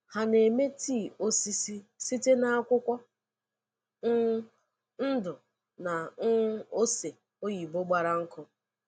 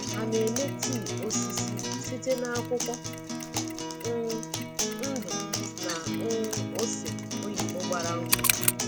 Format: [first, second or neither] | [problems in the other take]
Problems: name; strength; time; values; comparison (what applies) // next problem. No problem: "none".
first | background sound (Mechanisms + Acoustic guitar); 3 dB above the speech